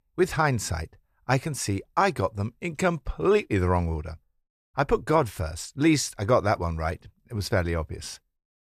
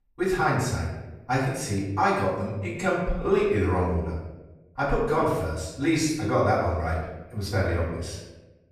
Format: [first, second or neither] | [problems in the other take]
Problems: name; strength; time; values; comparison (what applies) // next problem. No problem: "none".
first | room echo; noticeable; dies away in 0.9 s // off-mic speech; far